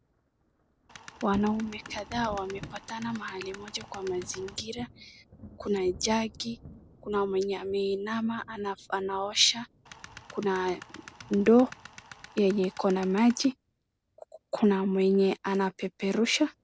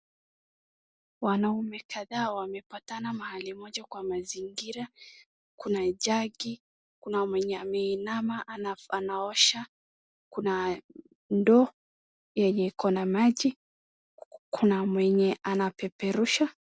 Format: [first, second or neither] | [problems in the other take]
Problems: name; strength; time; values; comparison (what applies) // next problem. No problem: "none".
second | background sound (Thunder + Tools); 19 dB below the speech